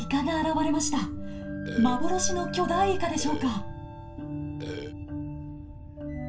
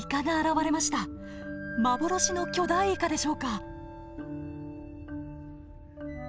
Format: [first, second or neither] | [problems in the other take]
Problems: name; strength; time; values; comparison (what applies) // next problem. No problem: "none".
second | background sound (Burping, eructation); 11 dB below the speech // room echo; dies away in 0.2 s